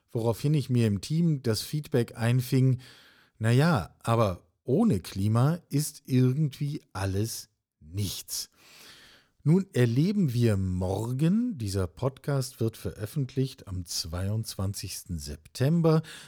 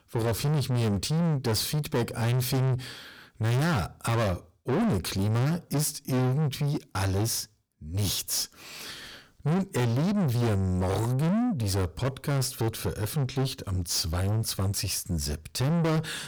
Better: first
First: none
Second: distortion; heavy; 6 dB below the speech

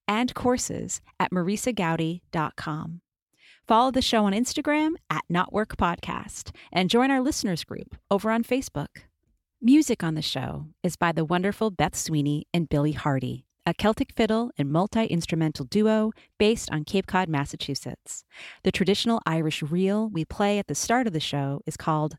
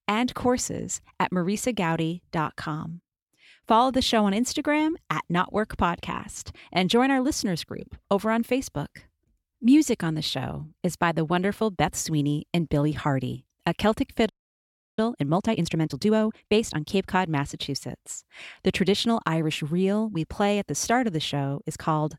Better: first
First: none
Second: audio freezing; at 14 s for 0.5 s

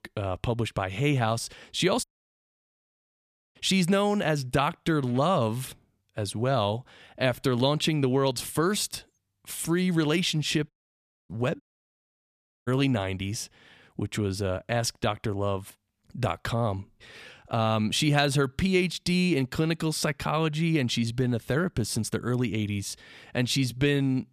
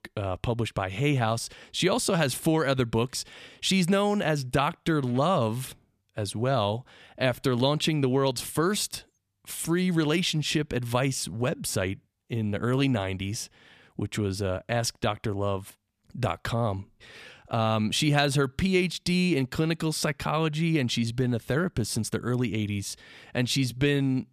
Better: second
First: audio cutting out; at 2 s for 1.5 s, at 11 s for 0.5 s and at 12 s for 1 s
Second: none

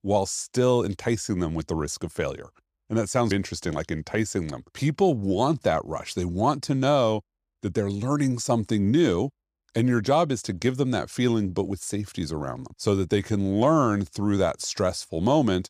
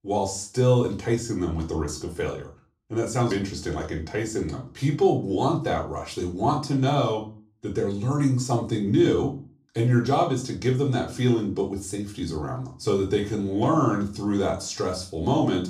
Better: first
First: none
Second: off-mic speech; far // room echo; slight; dies away in 0.3 s

